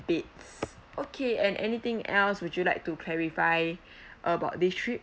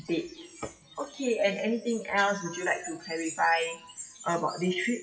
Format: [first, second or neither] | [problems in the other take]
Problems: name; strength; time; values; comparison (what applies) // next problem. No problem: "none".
first | noise reduction (classical method WPE with log-MMSE)